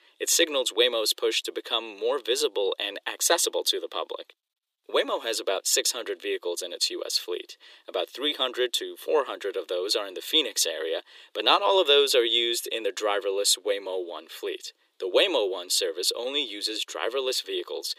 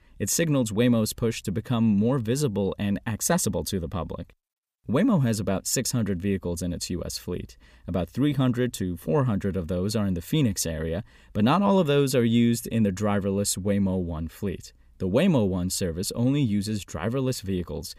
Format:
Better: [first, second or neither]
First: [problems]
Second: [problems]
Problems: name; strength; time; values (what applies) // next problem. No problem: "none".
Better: second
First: thin; very; fading below 350 Hz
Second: none